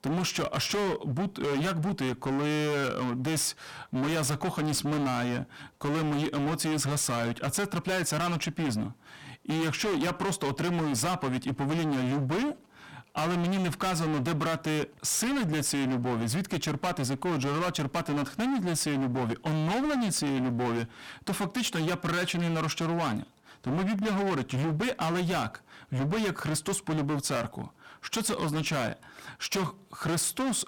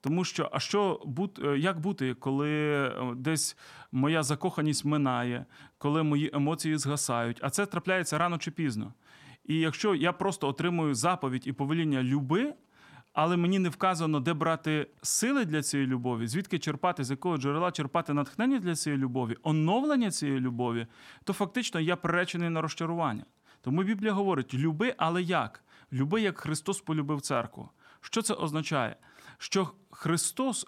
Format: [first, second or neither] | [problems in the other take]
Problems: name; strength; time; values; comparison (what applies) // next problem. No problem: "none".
second | distortion; heavy; 35% of the sound clipped